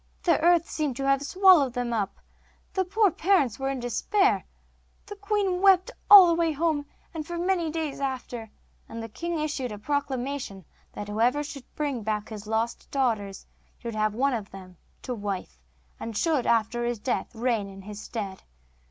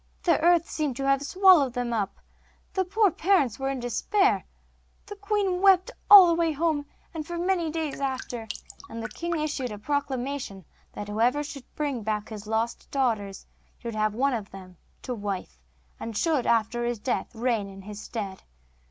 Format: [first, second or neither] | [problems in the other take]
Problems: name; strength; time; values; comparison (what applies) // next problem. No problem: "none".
first | background sound (Drip); 15 dB below the speech